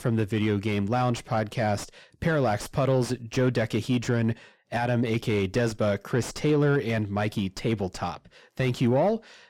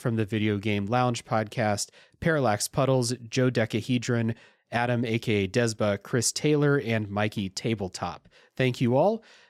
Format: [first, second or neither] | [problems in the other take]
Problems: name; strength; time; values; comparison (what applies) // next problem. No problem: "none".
second | distortion; slight; 10 dB below the speech